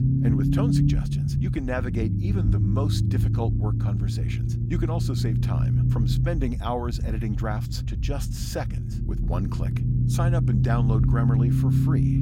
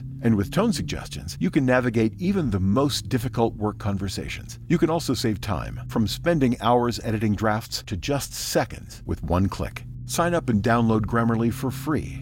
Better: second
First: low rumble; loud; throughout; 1 dB below the speech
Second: low rumble; faint; throughout; 25 dB below the speech

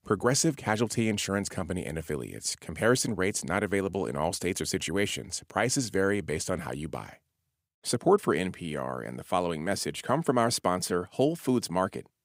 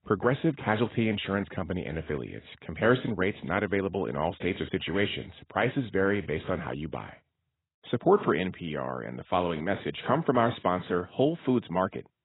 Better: first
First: none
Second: garbled, watery; badly; nothing above 4 kHz

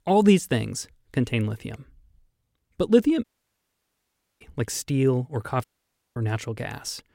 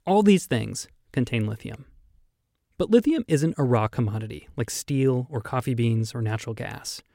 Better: second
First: audio cutting out; at 3 s for 1 s and at 5.5 s for 0.5 s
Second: none

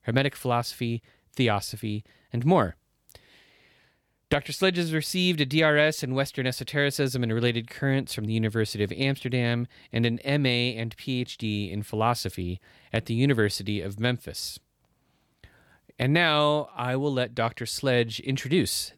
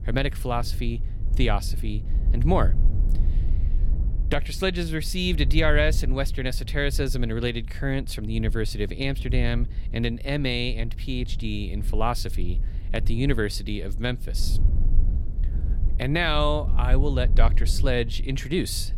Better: first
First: none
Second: low rumble; noticeable; throughout; 20 dB below the speech

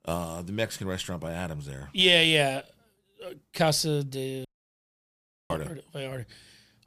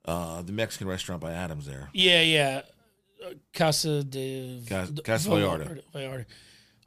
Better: second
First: audio cutting out; at 4.5 s for 1 s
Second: none

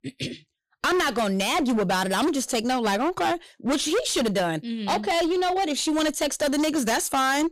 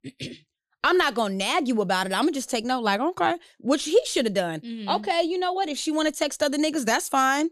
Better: second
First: distortion; heavy; 21% of the sound clipped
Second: none

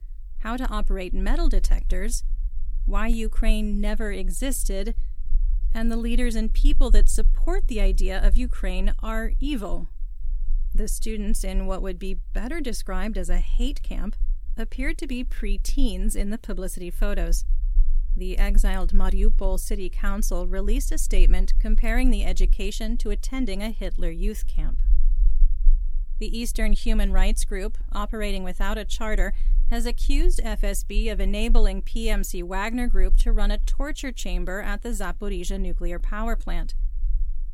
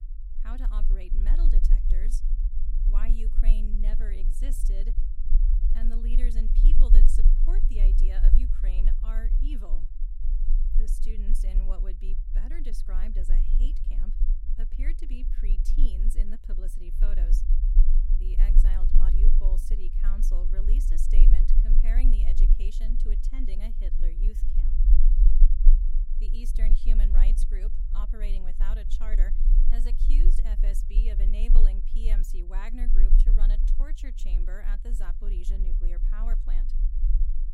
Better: first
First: low rumble; faint; throughout; 25 dB below the speech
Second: low rumble; loud; throughout; 5 dB below the speech

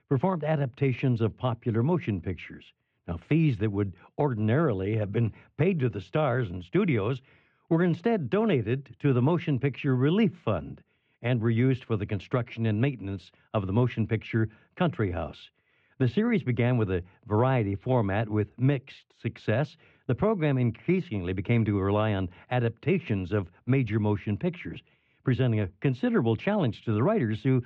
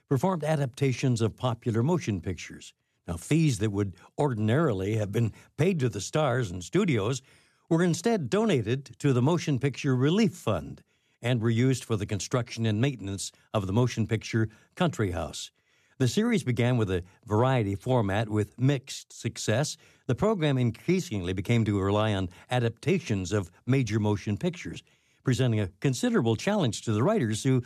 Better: second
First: muffled; very; fading above 2.5 kHz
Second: none

